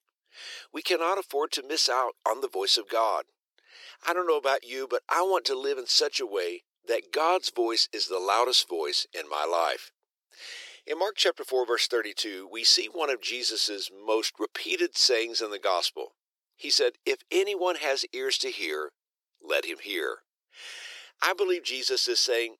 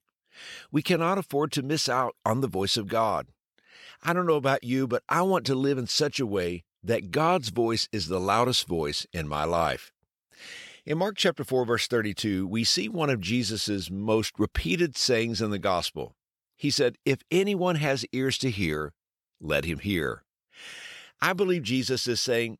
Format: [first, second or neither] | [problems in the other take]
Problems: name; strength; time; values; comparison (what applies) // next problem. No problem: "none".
second | thin; very; fading below 350 Hz